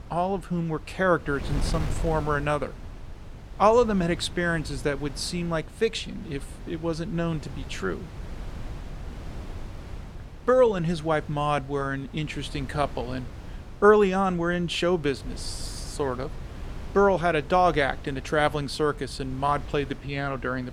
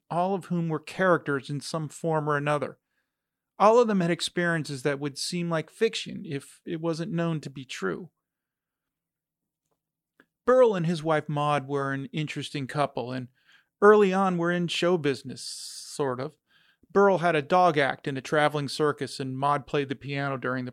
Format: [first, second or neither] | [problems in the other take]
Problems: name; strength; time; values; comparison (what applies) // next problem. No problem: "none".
second | wind noise on the microphone; occasional gusts; 20 dB below the speech